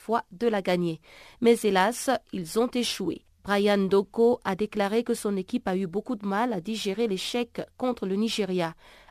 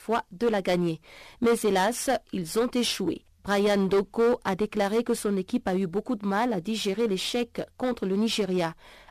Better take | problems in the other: first | distortion; slight; 7% of the sound clipped

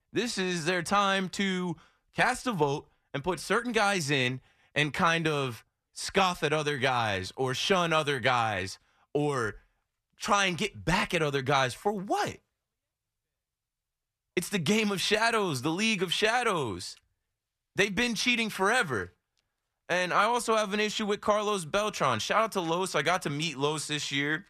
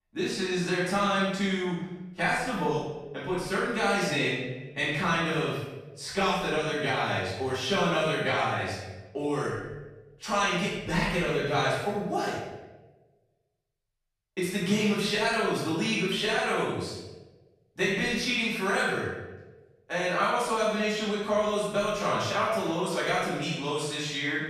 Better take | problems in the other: first | room echo; strong; dies away in 0.9 s // off-mic speech; far

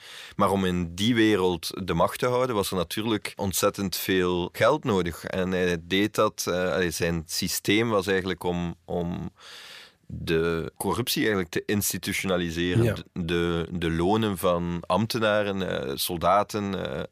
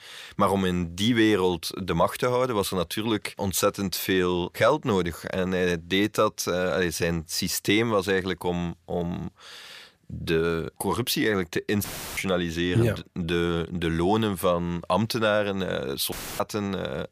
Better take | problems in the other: first | audio cutting out; filled with static; at 12 s and at 16 s

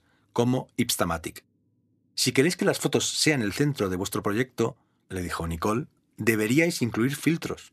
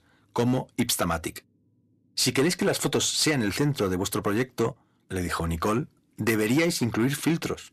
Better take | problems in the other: first | distortion; slight; 10 dB below the speech

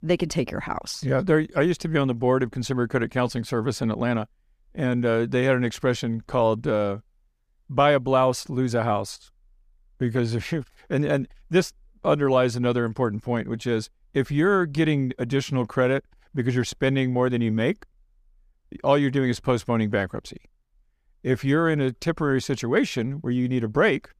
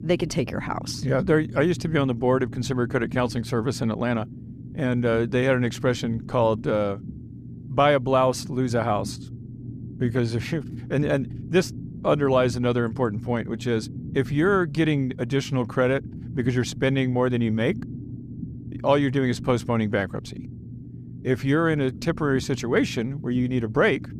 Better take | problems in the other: first | low rumble; noticeable; throughout; 20 dB below the speech

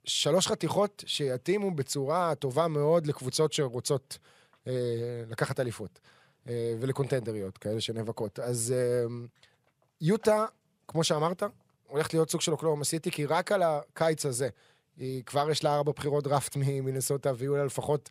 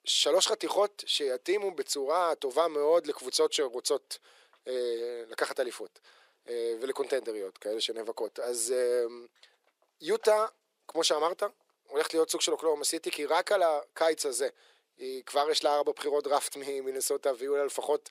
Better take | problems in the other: first | thin; very; fading below 350 Hz

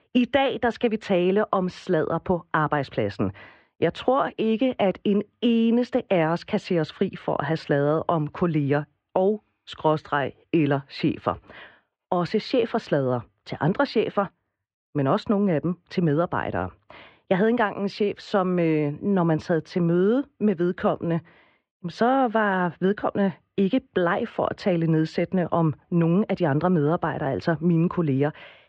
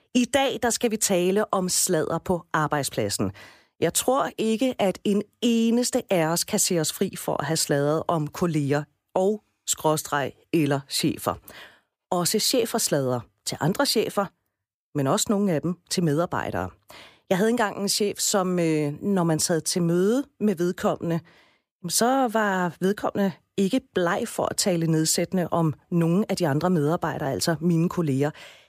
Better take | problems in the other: second | muffled; very; fading above 3 kHz

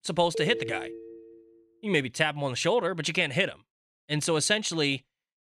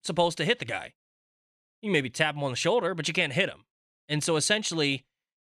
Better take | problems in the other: second | phone ringing; noticeable; at 0.5 s; peak 6 dB below the speech

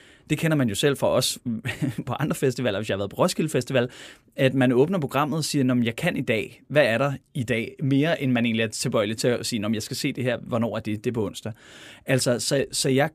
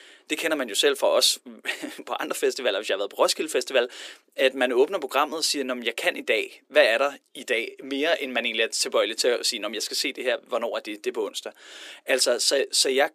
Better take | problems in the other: first | thin; somewhat; fading below 350 Hz

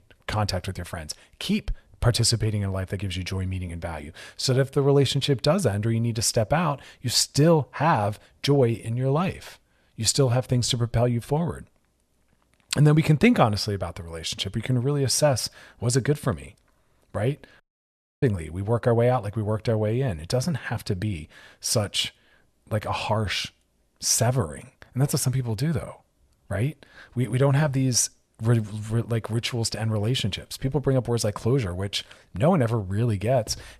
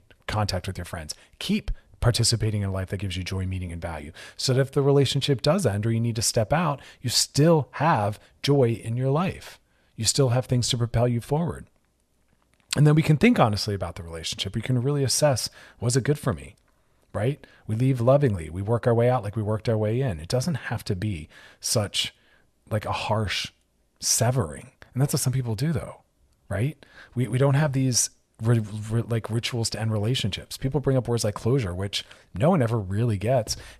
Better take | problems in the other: second | audio cutting out; at 18 s for 0.5 s

